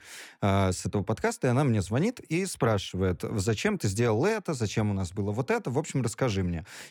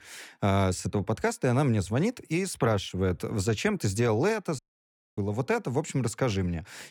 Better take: first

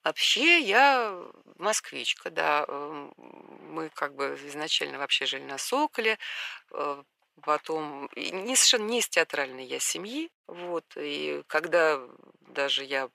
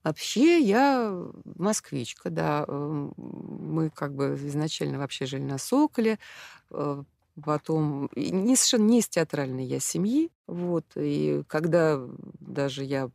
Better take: second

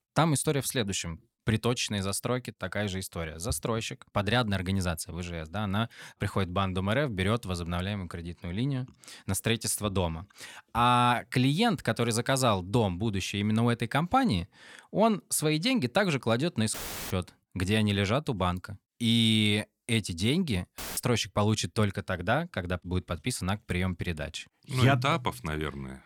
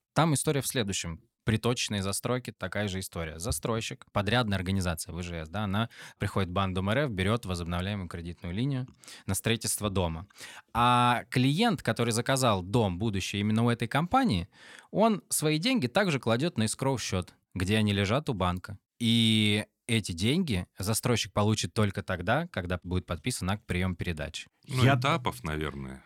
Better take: second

